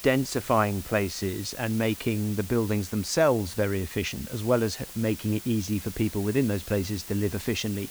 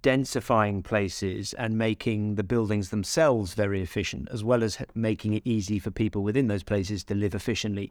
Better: second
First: hiss; noticeable; throughout; 15 dB below the speech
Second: none

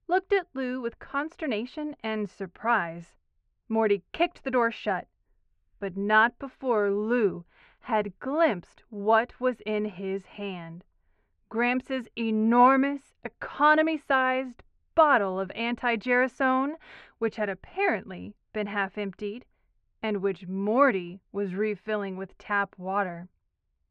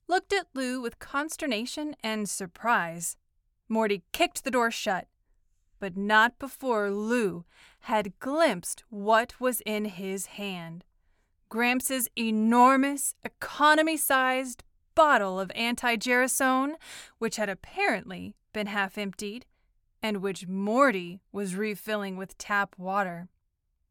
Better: second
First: muffled; very; fading above 2.5 kHz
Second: none

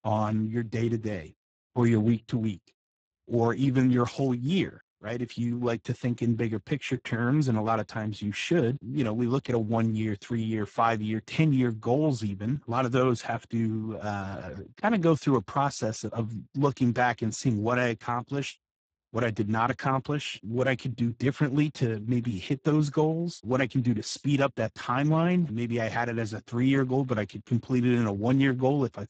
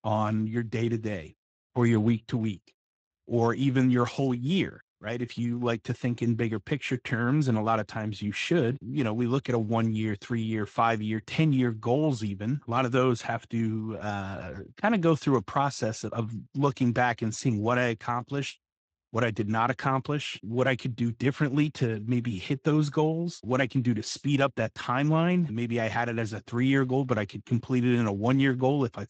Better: second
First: garbled, watery; badly; nothing above 7.5 kHz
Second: garbled, watery; slightly; nothing above 8 kHz

